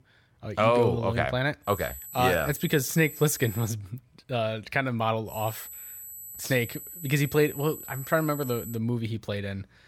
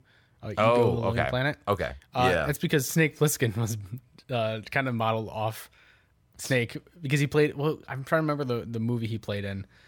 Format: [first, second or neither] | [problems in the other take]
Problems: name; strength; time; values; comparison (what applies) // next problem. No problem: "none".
second | high-pitched whine; noticeable; from 1.5 to 3.5 s and from 5.5 to 9 s; 12 kHz, 10 dB below the speech